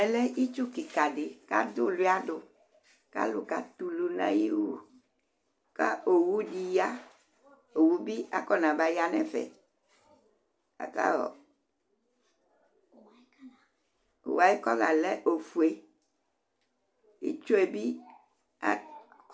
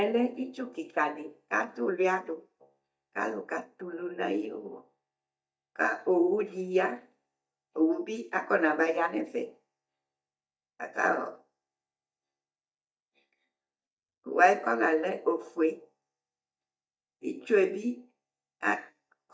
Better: first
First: none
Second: noise reduction (neural mask model DeepFilterNet 3)

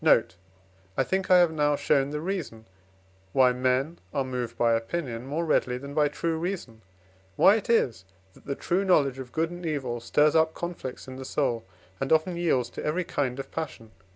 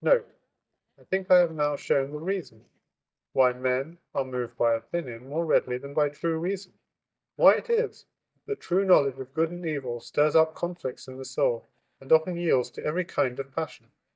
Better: first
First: none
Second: noise reduction (neural mask model DeepFilterNet 3)

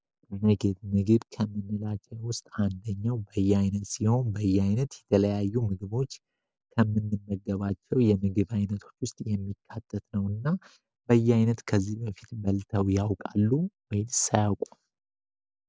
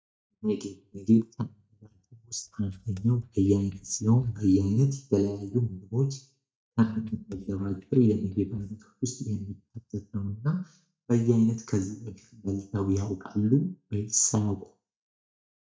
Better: first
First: none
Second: noise reduction (neural mask model DeepFilterNet 3)

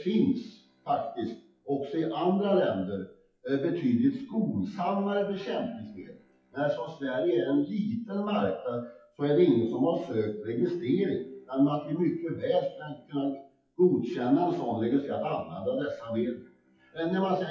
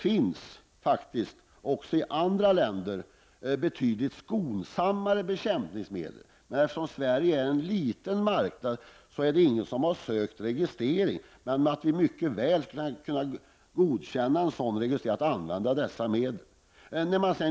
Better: second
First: noise reduction (classical method WPE with log-MMSE)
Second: none

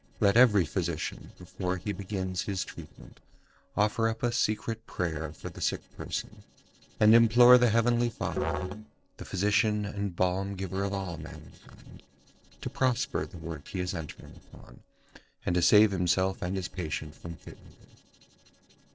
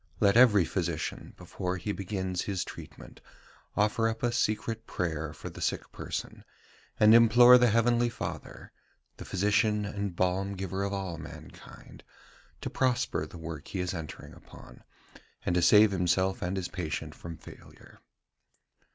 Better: second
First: noise reduction (neural separator model SepFormer DNS4)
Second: none

